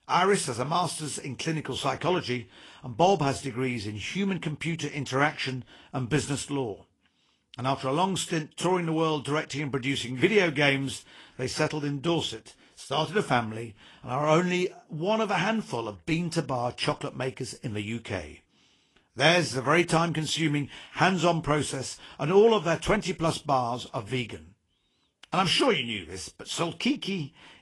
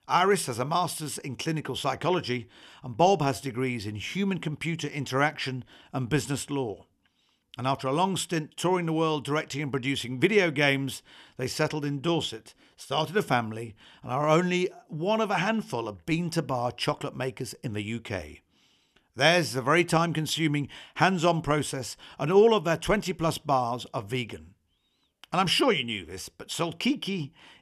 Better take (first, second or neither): second